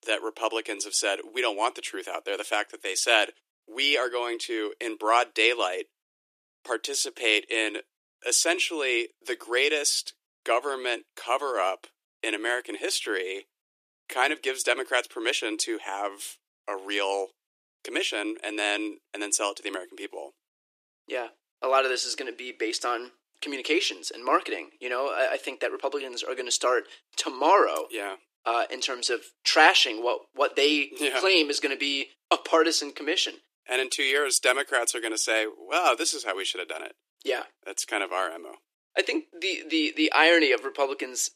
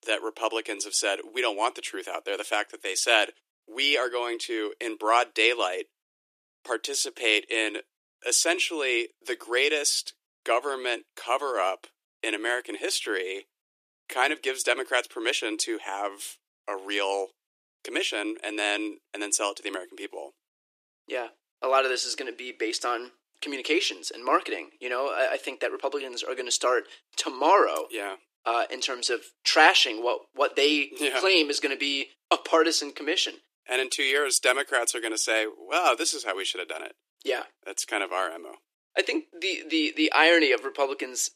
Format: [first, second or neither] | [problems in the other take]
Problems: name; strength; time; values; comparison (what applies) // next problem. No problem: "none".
neither | thin; very; fading below 300 Hz; the same in both